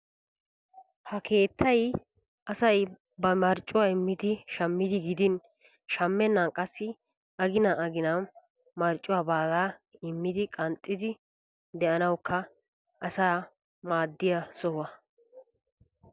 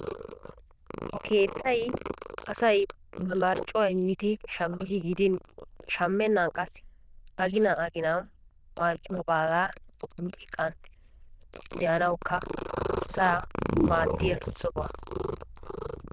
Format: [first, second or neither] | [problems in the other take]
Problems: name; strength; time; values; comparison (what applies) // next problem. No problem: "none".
first | noise reduction (neural diffusion model UNIVERSE++)